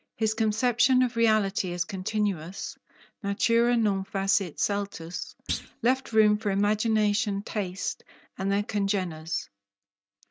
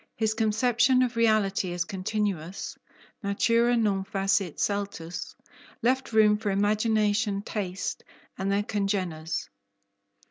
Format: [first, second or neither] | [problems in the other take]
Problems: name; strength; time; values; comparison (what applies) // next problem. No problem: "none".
second | noise reduction (neural mask model RNNoise)